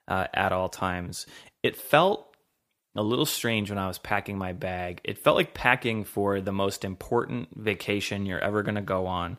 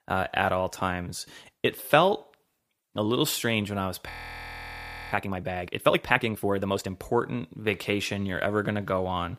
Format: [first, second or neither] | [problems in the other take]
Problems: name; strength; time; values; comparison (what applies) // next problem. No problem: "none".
first | audio freezing; at 4 s for 1 s